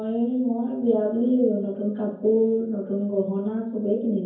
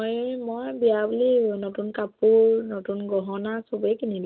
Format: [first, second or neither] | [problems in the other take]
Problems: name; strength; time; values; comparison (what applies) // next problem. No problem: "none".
second | room echo; dies away in 0.9 s